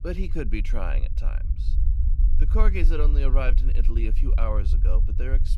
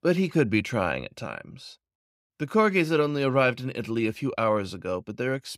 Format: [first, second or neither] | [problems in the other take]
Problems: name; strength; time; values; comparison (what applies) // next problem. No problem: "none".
second | low rumble; noticeable; throughout; 10 dB below the speech